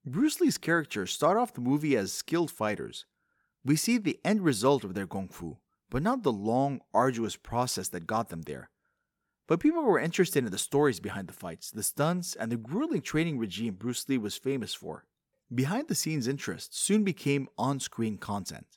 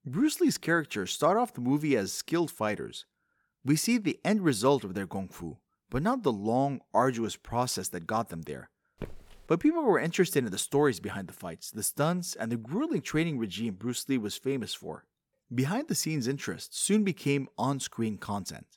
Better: first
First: none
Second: footsteps; faint; at 9 s; peak 15 dB below the speech

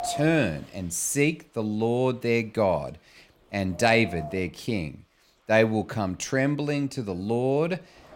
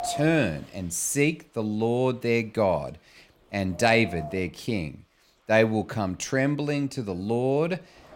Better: neither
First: wind noise on the microphone; occasional gusts; 10 dB below the speech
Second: wind noise on the microphone; occasional gusts; 10 dB below the speech

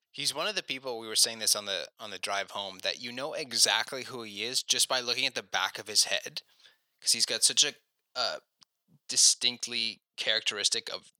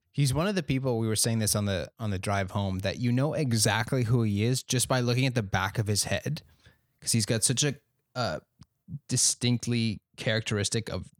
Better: second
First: thin; very; fading below 600 Hz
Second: none

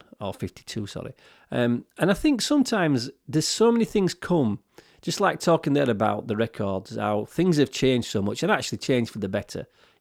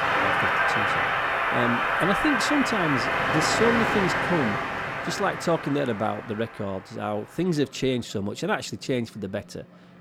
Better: first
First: none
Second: train or aircraft noise; very loud; throughout; 4 dB above the speech

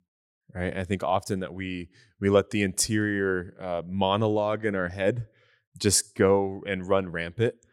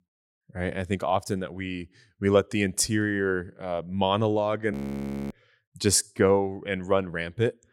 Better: first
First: none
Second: audio freezing; at 4.5 s for 0.5 s

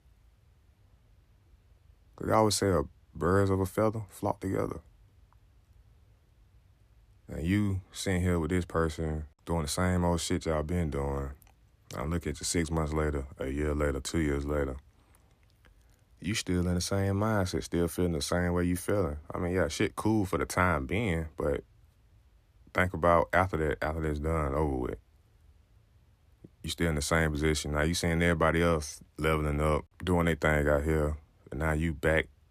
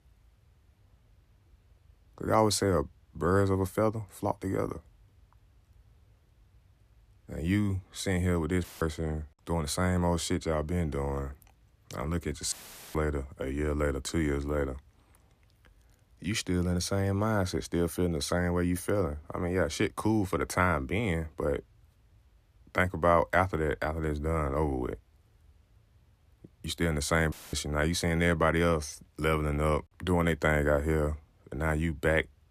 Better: first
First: none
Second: audio cutting out; filled with static; at 8.5 s, at 13 s and at 27 s

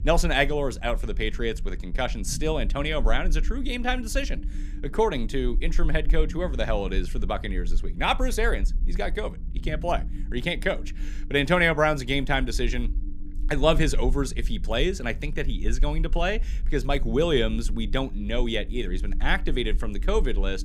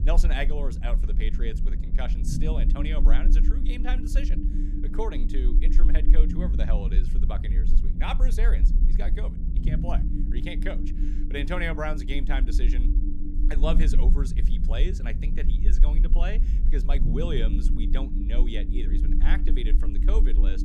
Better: first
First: low rumble; faint; throughout; 25 dB below the speech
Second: low rumble; loud; throughout; 6 dB below the speech

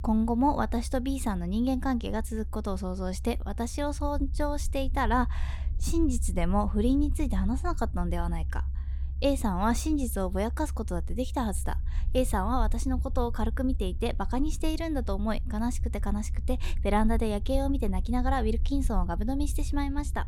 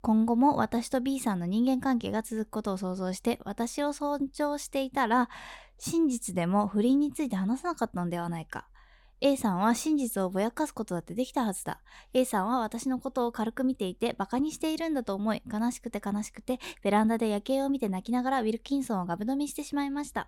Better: second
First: low rumble; faint; throughout; 20 dB below the speech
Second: none

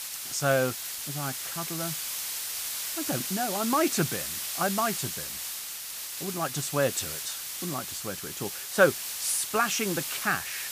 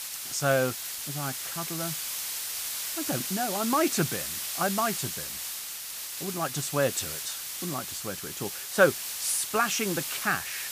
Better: neither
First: hiss; loud; throughout; 3 dB below the speech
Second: hiss; loud; throughout; 3 dB below the speech

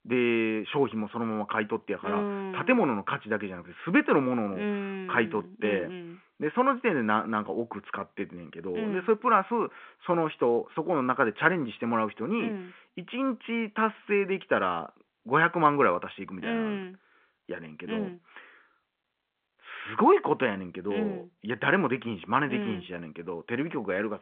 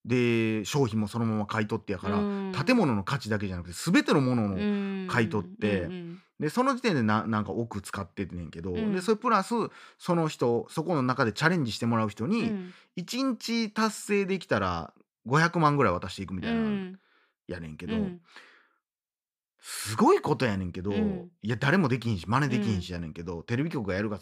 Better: second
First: phone-call audio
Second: none

